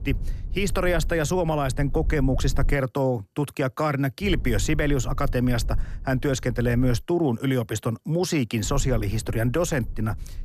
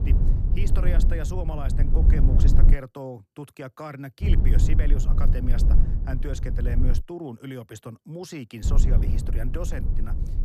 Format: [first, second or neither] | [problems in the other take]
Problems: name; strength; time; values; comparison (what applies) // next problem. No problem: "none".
first | low rumble; loud; until 2.5 s, from 4 to 7 s and from 8.5 s on; 2 dB below the speech; faint in the first